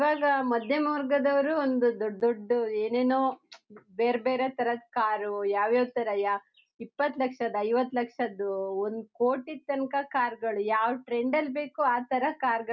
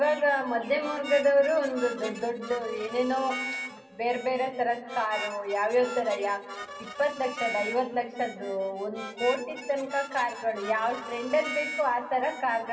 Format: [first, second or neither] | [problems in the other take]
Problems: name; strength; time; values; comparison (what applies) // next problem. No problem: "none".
first | background sound (Harmonica); 12 dB below the speech // room echo; dies away in 1.9 s